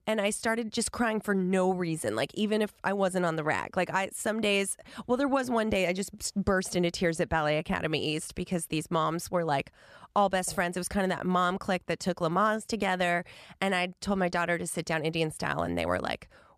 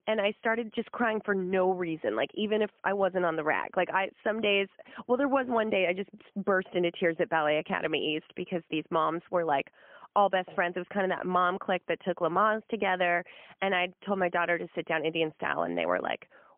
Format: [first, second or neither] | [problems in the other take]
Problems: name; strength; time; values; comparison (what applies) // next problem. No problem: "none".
first | phone-call audio; poor line; nothing above 3 kHz